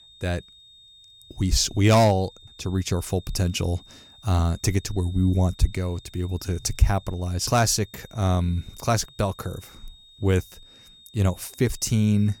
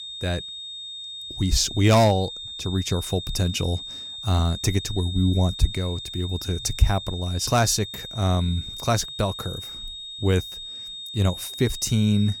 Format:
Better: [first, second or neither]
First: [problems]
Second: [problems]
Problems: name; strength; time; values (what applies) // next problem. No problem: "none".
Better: first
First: high-pitched whine; faint; throughout; 3.5 kHz, 25 dB below the speech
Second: high-pitched whine; loud; throughout; 3.5 kHz, 9 dB below the speech